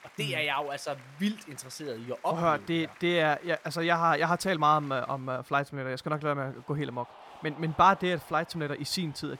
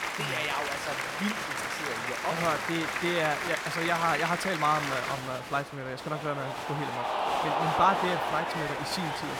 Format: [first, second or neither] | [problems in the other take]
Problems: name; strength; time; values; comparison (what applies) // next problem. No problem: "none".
first | crowd noise; loud; throughout; as loud as the speech; faint in the first